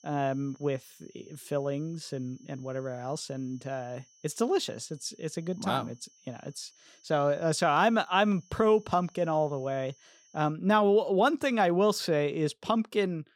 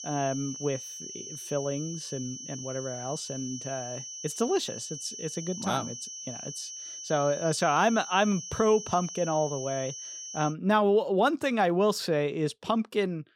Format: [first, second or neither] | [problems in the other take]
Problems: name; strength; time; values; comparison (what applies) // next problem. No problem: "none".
first | high-pitched whine; loud; until 11 s; 6 kHz, 9 dB below the speech; faint in the first